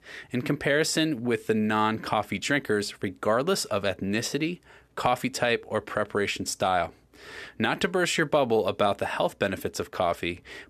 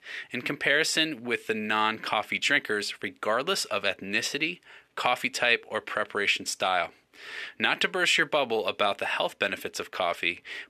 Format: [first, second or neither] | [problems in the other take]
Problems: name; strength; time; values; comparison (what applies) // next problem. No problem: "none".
first | thin; very slightly; fading below 700 Hz